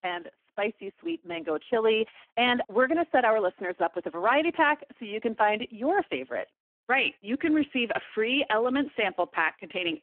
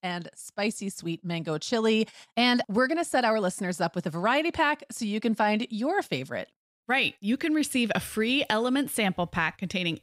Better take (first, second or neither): second